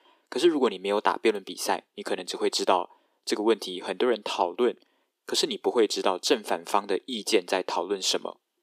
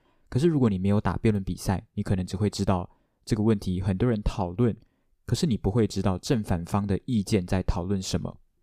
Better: second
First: thin; very; fading below 300 Hz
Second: none

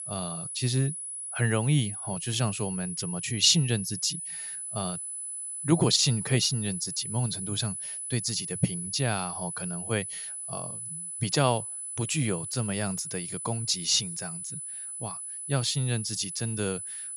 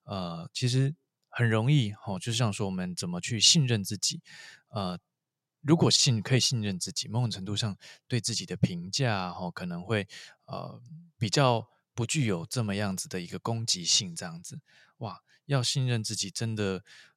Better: second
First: high-pitched whine; loud; throughout; 10 kHz, 6 dB below the speech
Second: none

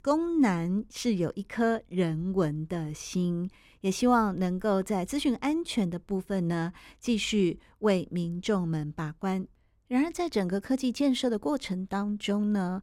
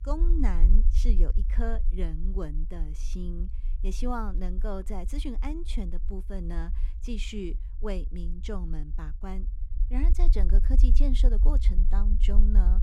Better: first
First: none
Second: low rumble; noticeable; throughout; 10 dB below the speech

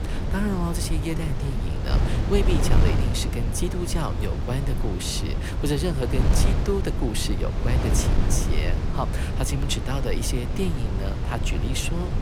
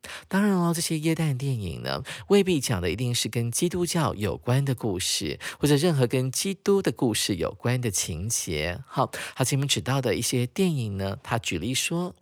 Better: second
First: wind noise on the microphone; heavy; 4 dB below the speech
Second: none

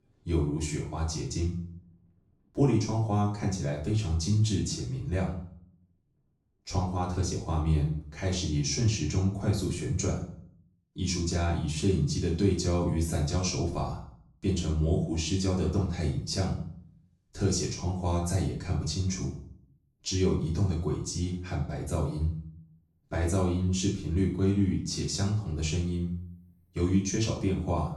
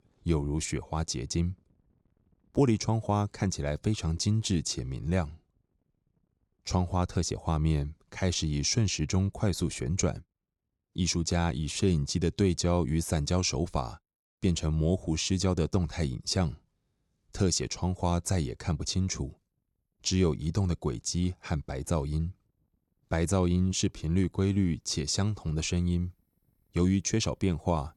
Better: second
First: off-mic speech; far // room echo; noticeable; dies away in 0.5 s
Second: none

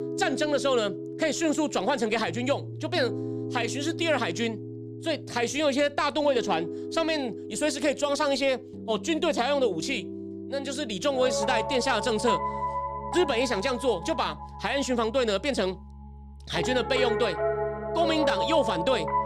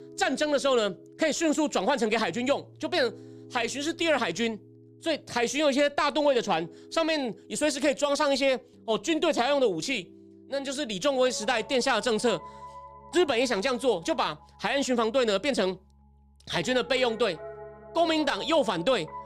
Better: second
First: background music; loud; throughout; 7 dB below the speech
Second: background music; faint; throughout; 20 dB below the speech

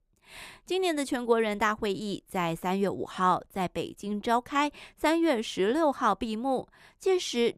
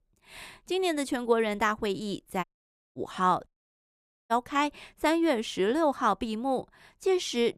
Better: first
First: none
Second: audio cutting out; at 2.5 s for 0.5 s and at 3.5 s for 1 s

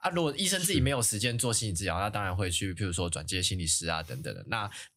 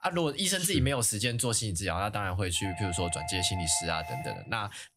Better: first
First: none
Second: doorbell; noticeable; from 2.5 to 4.5 s; peak 9 dB below the speech

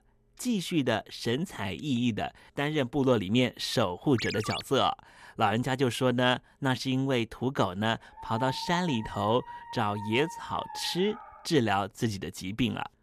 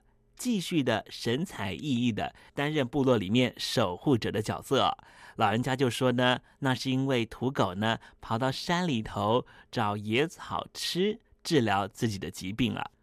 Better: second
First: phone ringing; noticeable; at 4 s; peak 5 dB below the speech // dog barking; noticeable; from 8 to 11 s; peak 7 dB below the speech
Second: none

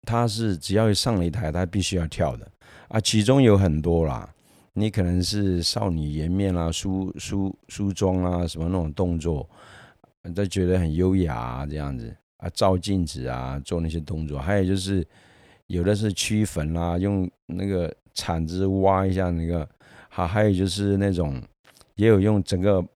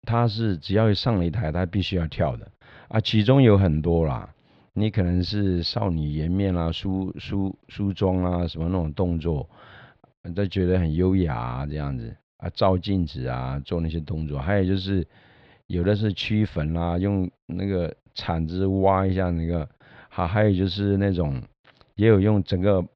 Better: first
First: none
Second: muffled; very slightly; fading above 4 kHz

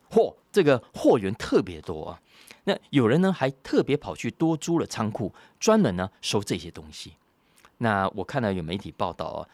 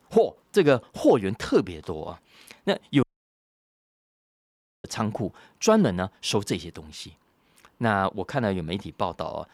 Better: first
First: none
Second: audio cutting out; at 3 s for 2 s

